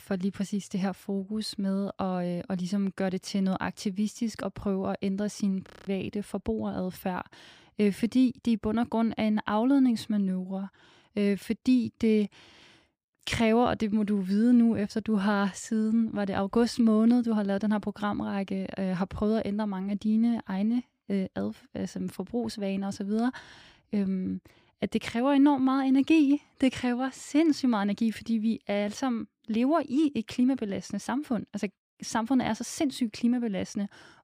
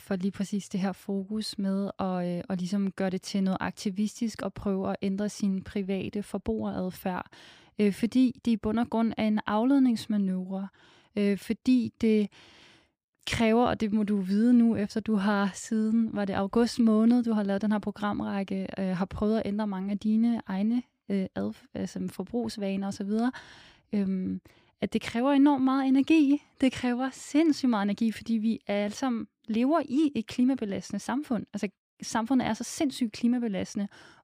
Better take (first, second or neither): second